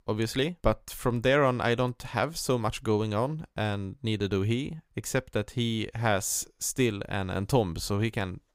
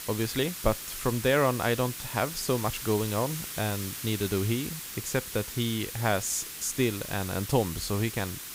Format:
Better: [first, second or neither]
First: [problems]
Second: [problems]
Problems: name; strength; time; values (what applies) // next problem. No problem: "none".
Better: first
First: none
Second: hiss; loud; throughout; 7 dB below the speech